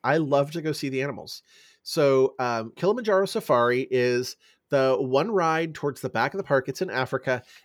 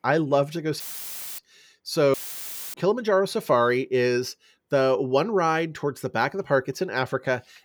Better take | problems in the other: first | audio cutting out; filled with static; at 1 s for 0.5 s and at 2 s for 0.5 s

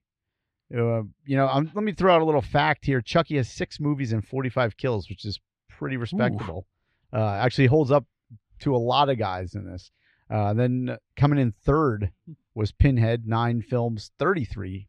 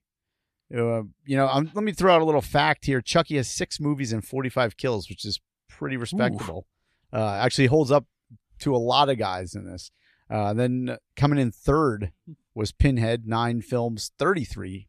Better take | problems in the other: second | muffled; very slightly; fading above 3.5 kHz

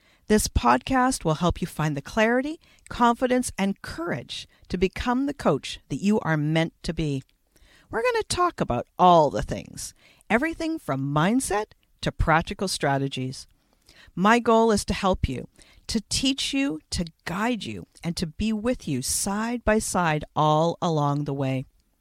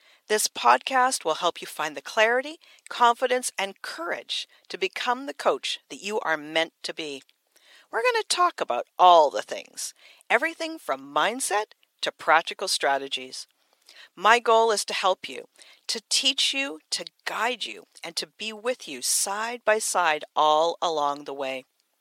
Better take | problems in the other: first | thin; very; fading below 450 Hz

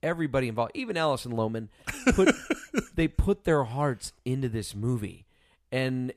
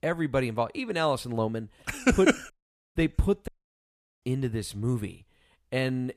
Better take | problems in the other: first | audio cutting out; at 2.5 s and at 3.5 s for 0.5 s

